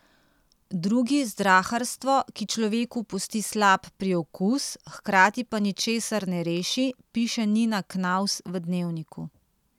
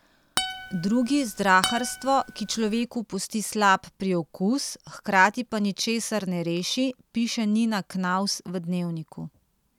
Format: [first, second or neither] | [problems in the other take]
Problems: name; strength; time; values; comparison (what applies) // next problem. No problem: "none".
first | background sound (Acoustic guitar); 8 dB below the speech